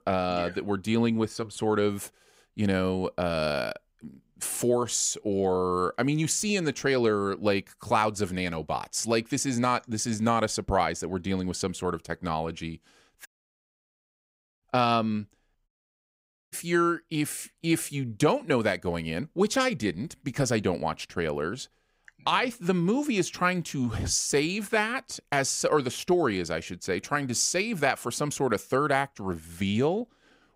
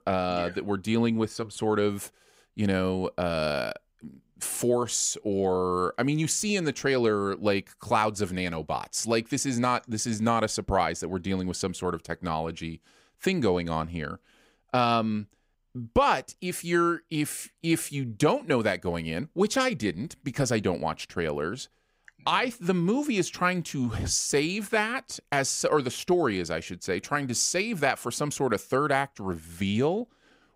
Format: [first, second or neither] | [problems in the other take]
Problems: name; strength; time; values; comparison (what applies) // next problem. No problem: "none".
second | audio cutting out; at 13 s for 1.5 s and at 16 s for 1 s